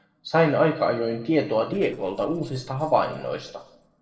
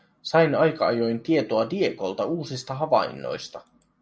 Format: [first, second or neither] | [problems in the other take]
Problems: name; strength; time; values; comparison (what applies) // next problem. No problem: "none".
second | noise reduction (neural separator model SepFormer DNS4)